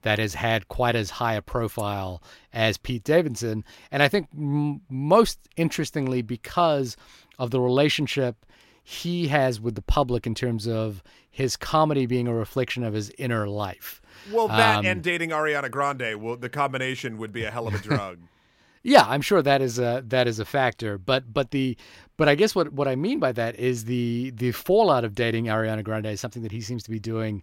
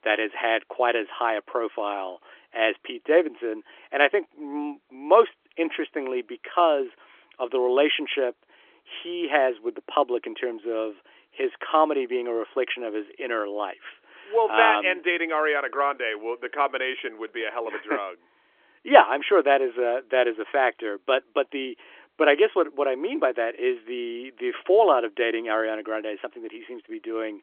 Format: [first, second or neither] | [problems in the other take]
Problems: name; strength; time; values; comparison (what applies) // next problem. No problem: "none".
first | phone-call audio; nothing above 3.5 kHz